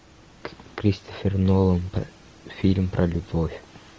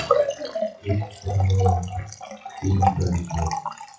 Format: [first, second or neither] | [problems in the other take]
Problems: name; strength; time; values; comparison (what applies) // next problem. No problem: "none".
first | noise reduction (classical method WPE with log-MMSE)